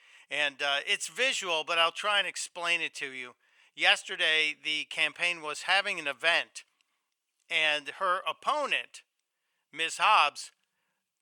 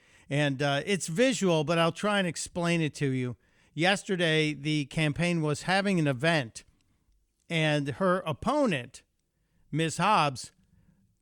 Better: second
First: thin; very; fading below 850 Hz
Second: none

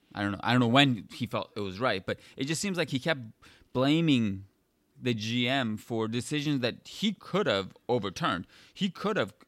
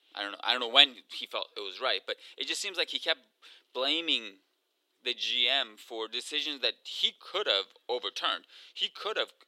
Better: first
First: none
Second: thin; very; fading below 400 Hz

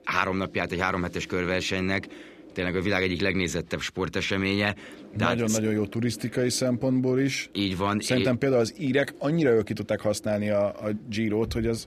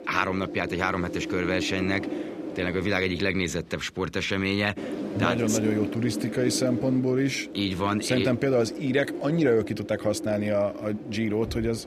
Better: first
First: wind noise on the microphone; occasional gusts; 25 dB below the speech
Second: wind noise on the microphone; heavy; 10 dB below the speech

